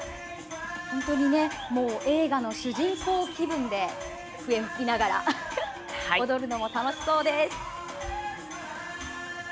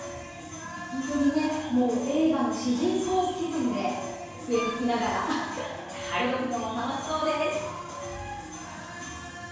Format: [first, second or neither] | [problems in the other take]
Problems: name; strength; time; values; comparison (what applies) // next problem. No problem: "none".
first | background sound (Wind instrument, woodwind instrument); 9 dB below the speech // room echo; dies away in 1 s